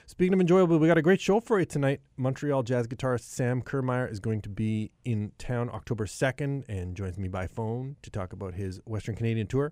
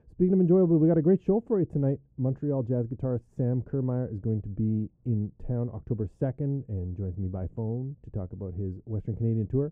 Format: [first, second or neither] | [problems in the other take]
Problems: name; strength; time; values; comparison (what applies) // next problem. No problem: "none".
first | muffled; very; fading above 1 kHz